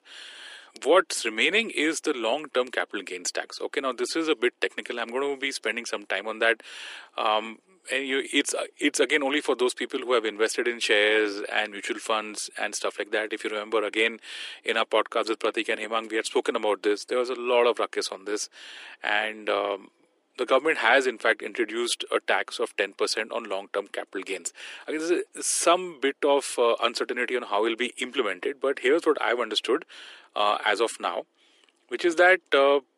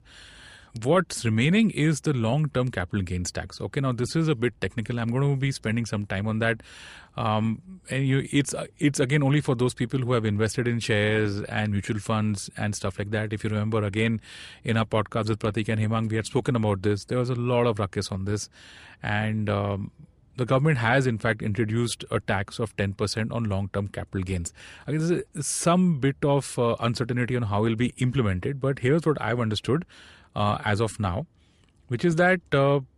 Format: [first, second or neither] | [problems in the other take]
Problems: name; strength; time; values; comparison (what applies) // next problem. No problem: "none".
second | thin; very; fading below 300 Hz